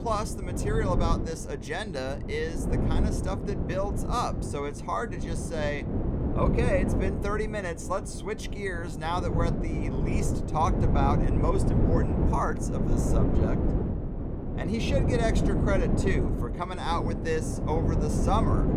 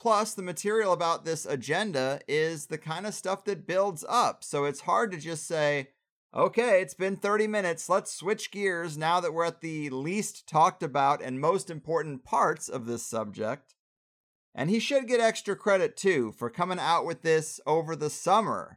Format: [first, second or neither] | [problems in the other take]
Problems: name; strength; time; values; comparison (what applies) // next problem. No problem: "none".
second | wind noise on the microphone; heavy; 4 dB below the speech